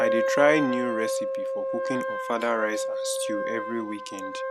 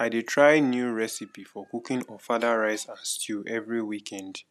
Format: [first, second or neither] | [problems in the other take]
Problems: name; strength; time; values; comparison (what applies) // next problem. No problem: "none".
second | background sound (Wind instrument, woodwind instrument); 1 dB below the speech